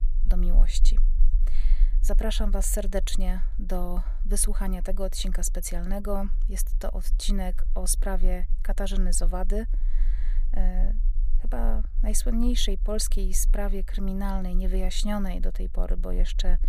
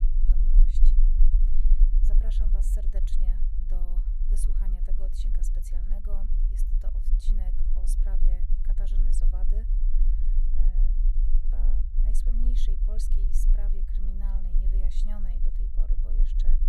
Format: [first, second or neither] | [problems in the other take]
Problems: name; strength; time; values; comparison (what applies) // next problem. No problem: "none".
first | low rumble; loud; throughout; 2 dB below the speech; faint in the first